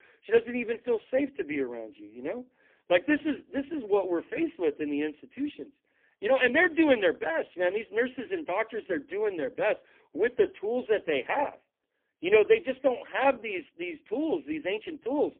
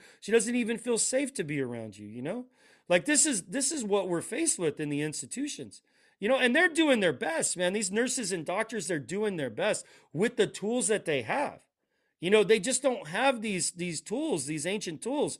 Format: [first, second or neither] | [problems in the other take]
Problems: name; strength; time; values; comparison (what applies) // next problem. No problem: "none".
second | phone-call audio; poor line; nothing above 3.5 kHz